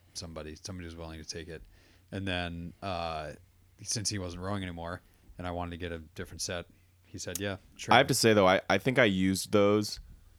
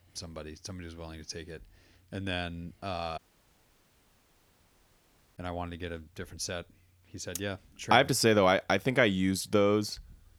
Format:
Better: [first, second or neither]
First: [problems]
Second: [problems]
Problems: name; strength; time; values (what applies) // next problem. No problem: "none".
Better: first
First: none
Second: audio cutting out; at 3 s for 2 s